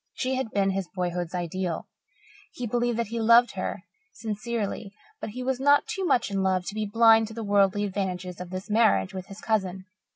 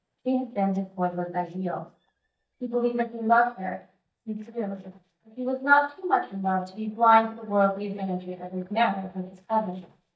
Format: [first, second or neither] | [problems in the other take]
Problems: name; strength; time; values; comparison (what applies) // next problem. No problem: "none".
first | noise reduction (neural mask model DeepFilterNet 3)